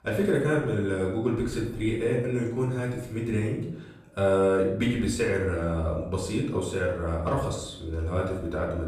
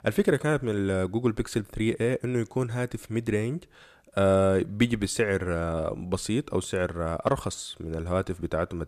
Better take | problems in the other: second | off-mic speech; far // room echo; noticeable; dies away in 0.6 s

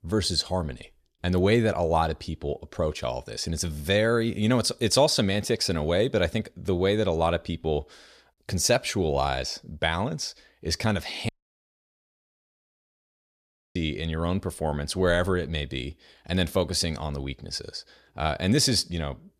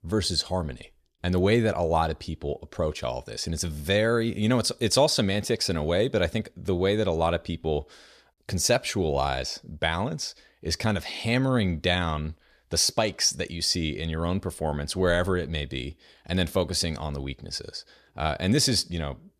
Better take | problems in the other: second | audio cutting out; at 11 s for 2.5 s

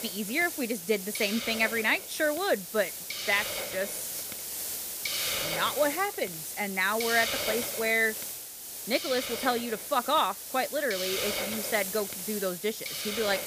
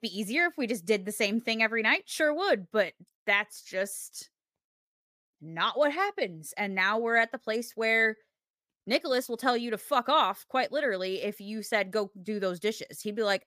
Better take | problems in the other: second | hiss; loud; throughout; 4 dB below the speech

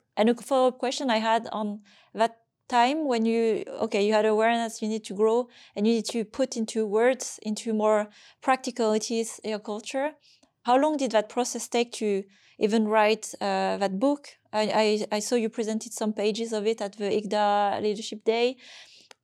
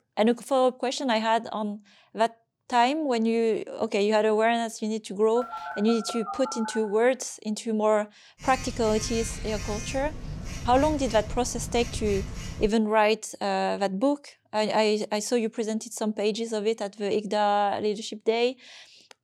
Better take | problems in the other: first | phone ringing; noticeable; from 5.5 to 13 s; peak 9 dB below the speech

